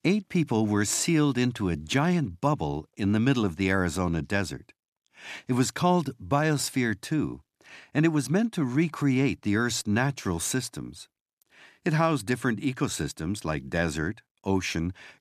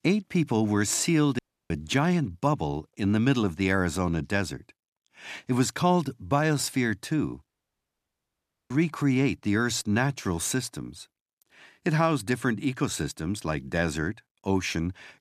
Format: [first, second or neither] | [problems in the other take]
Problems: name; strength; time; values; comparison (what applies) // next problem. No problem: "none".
first | audio cutting out; at 1.5 s and at 7.5 s for 1 s